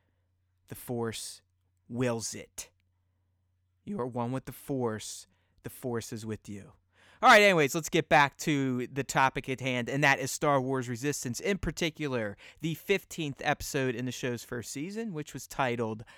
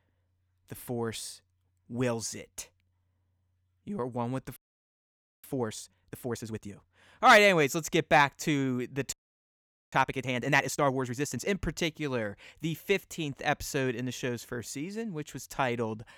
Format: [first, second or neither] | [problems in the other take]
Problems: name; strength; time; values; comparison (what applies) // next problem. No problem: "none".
first | audio freezing; at 4.5 s for 1 s and at 9 s for 1 s